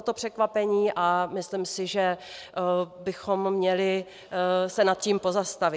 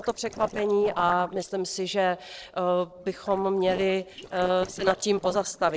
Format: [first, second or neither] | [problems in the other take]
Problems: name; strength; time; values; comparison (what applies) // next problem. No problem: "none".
first | noise reduction (neural separator model SepFormer DNS4)